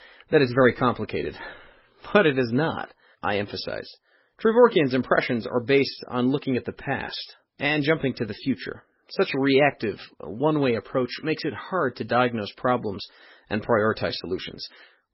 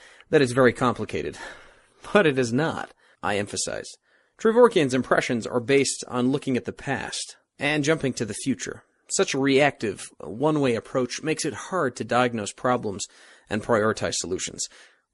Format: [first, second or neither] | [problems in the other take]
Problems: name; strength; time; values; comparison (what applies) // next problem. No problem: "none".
second | garbled, watery; badly; nothing above 5.5 kHz; slightly in the second